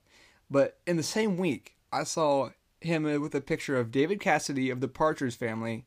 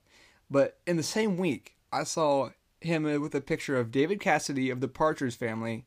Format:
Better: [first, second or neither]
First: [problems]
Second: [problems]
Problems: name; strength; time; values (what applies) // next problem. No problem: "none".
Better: neither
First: none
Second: none